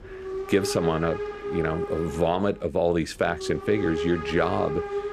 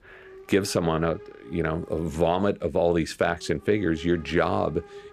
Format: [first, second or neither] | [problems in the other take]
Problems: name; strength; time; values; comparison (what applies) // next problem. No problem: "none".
second | hiss; loud; throughout; 6 dB below the speech; faint in the second